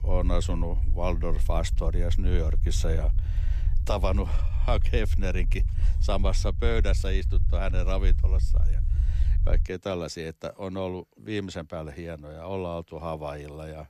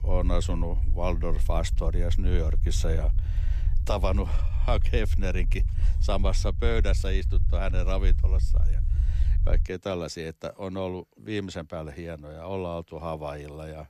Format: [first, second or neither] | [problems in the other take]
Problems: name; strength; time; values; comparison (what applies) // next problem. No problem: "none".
neither | low rumble; noticeable; until 9.5 s; 15 dB below the speech; the same in both